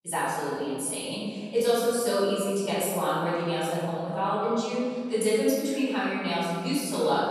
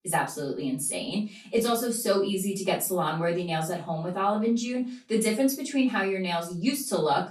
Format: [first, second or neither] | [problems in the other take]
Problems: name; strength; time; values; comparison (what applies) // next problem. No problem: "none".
second | room echo; strong; dies away in 2.2 s; slight in the second // off-mic speech; far; far in the second